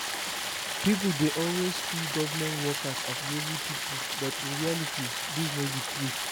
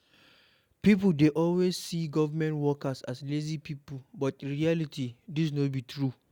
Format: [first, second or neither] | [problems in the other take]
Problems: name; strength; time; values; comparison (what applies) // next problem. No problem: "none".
second | background sound (Stream); 1 dB below the speech